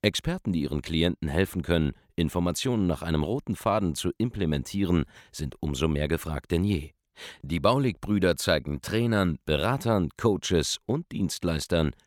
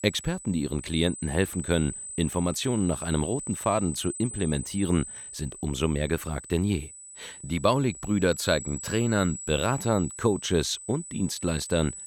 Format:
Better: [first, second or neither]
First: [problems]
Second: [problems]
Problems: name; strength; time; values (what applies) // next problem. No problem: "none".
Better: first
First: none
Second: high-pitched whine; noticeable; throughout; 8 kHz, 10 dB below the speech